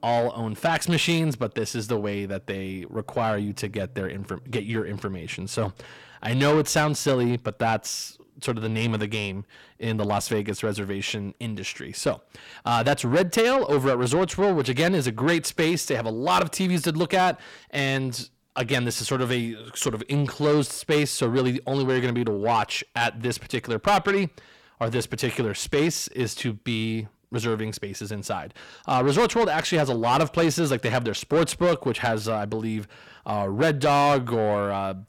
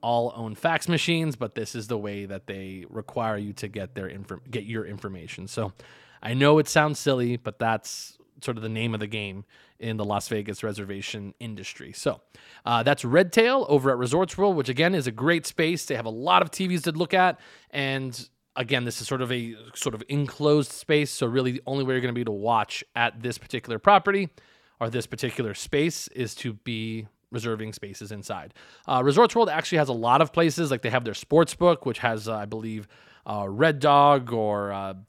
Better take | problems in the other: second | distortion; heavy; 8 dB below the speech

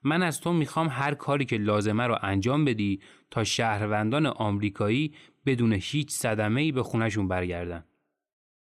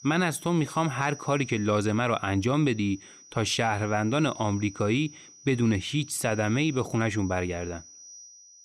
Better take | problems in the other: first | high-pitched whine; noticeable; throughout; 6 kHz, 20 dB below the speech

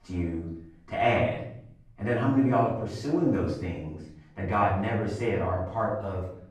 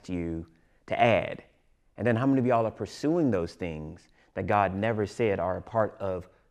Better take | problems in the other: second | room echo; noticeable; dies away in 0.6 s // off-mic speech; far

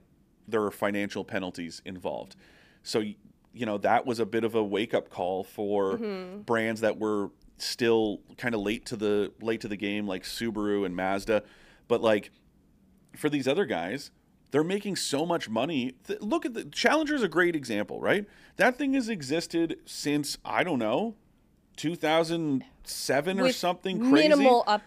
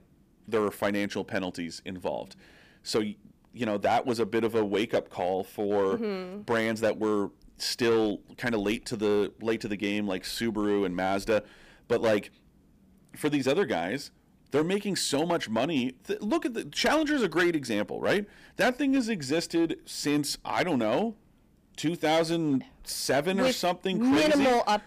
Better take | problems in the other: first | distortion; slight; 5% of the sound clipped

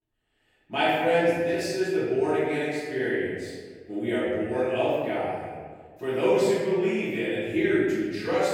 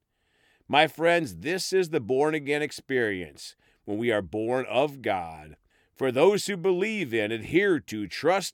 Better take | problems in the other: second | room echo; strong; dies away in 1.5 s // off-mic speech; far

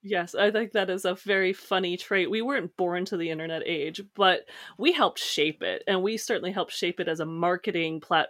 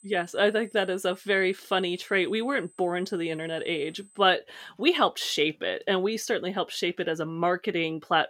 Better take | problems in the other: first | high-pitched whine; faint; until 4 s; 8 kHz, 30 dB below the speech

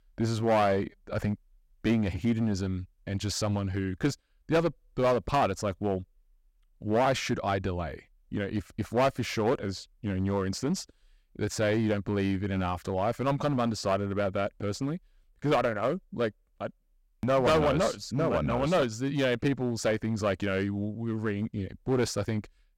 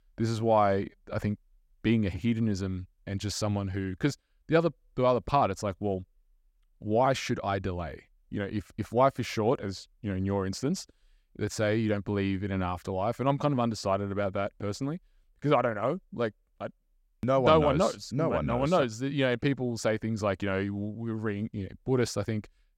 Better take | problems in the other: second | distortion; slight; 6% of the sound clipped

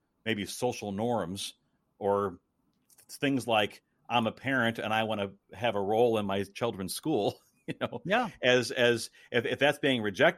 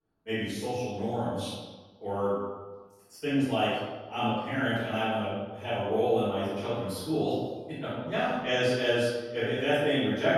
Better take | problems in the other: first | off-mic speech; far // room echo; strong; dies away in 1.1 s

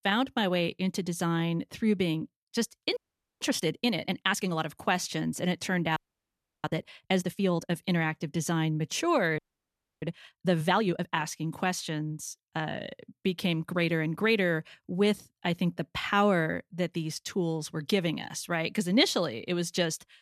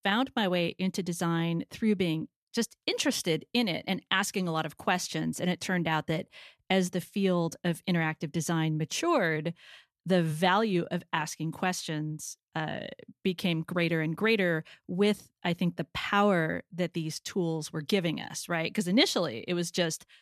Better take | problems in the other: second | audio freezing; at 3 s, at 6 s for 0.5 s and at 9.5 s for 0.5 s

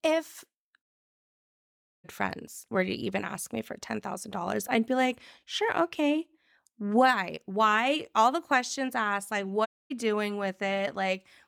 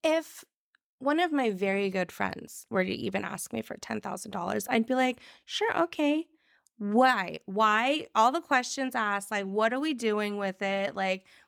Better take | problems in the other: second | audio cutting out; at 1 s for 1 s and at 9.5 s

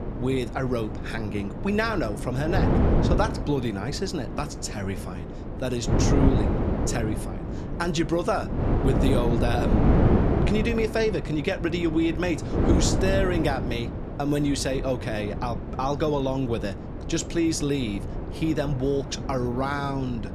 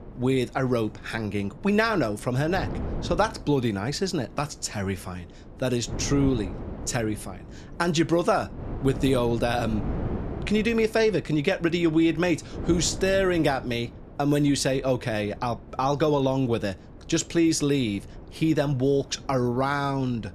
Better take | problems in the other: second | wind noise on the microphone; heavy; 4 dB below the speech; occasional gusts in the second

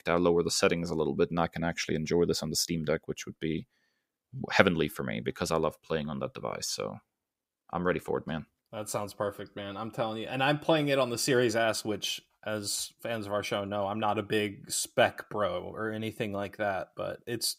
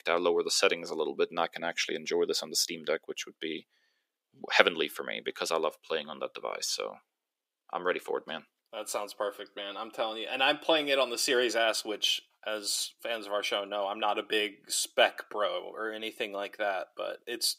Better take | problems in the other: first | thin; somewhat; fading below 350 Hz

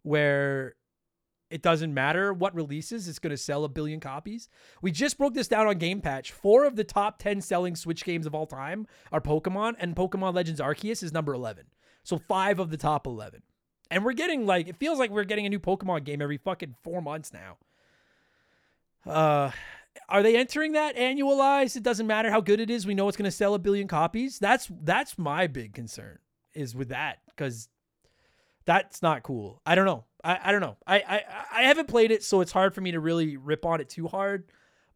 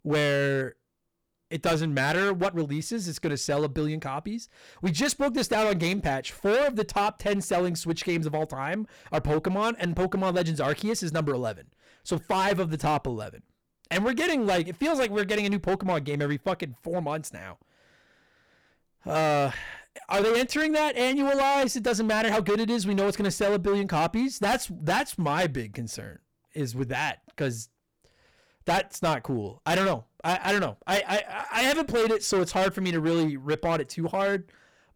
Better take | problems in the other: first | distortion; heavy; 13% of the sound clipped

